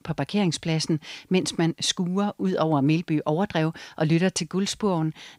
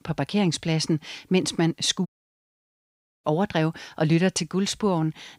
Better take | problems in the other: first | audio cutting out; at 2 s for 1 s

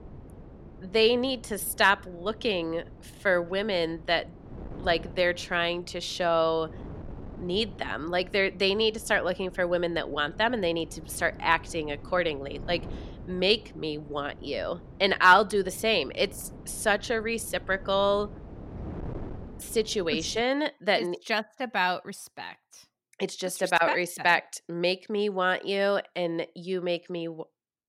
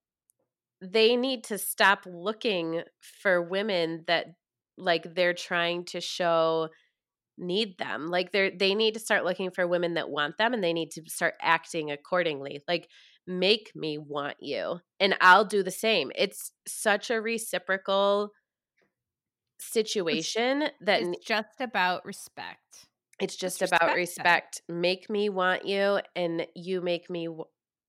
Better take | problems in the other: second | wind noise on the microphone; occasional gusts; until 20 s; 25 dB below the speech

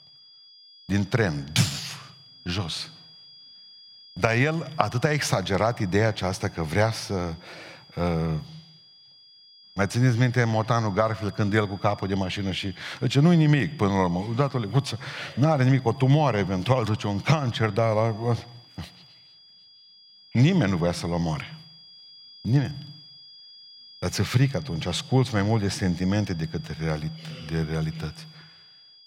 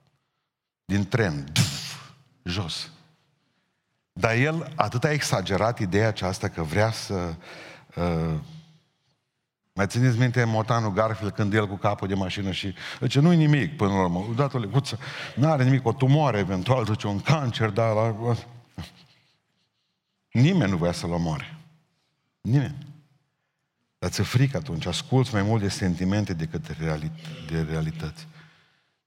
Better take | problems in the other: second | high-pitched whine; faint; throughout; 5 kHz, 25 dB below the speech

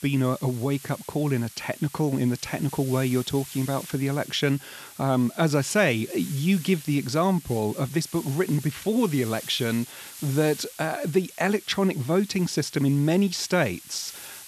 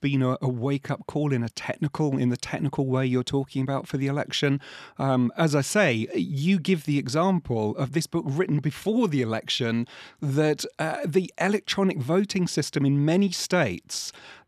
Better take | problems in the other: second | hiss; noticeable; throughout; 15 dB below the speech

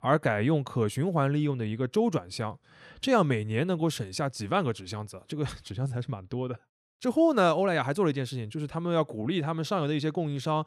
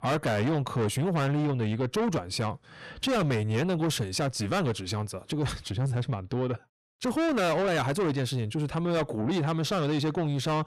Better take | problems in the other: first | distortion; heavy; 6 dB below the speech

